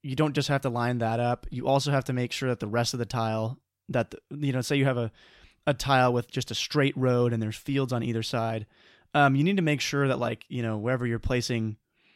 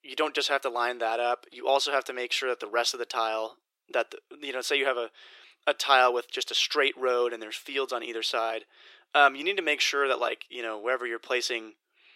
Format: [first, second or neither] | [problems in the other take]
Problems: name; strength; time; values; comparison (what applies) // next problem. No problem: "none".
first | thin; very; fading below 350 Hz